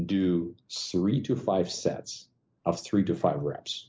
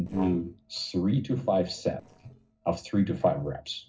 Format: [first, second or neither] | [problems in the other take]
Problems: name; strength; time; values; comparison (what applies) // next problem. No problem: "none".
first | noise reduction (neural separator model SepFormer DNS4)